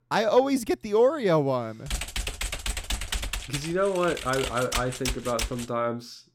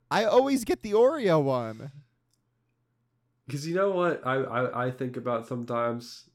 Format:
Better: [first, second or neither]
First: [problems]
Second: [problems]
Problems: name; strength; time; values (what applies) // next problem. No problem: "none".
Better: second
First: keyboard typing; noticeable; from 2 to 5.5 s; peak 4 dB below the speech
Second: none